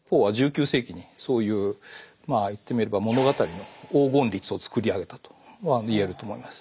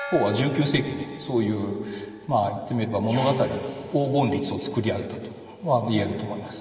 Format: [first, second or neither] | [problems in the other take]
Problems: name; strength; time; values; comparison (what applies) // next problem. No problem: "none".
first | background sound (Gong); 19 dB below the speech // room echo; dies away in 2.9 s